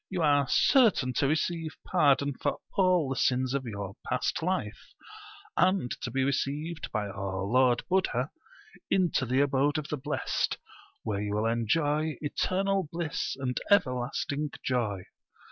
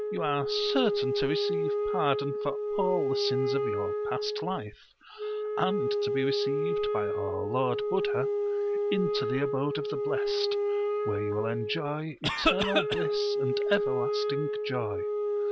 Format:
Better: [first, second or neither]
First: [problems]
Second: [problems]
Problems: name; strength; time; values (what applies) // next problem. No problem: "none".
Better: first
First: none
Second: background sound (Cough + Wind instrument, woodwind instrument); 4 dB above the speech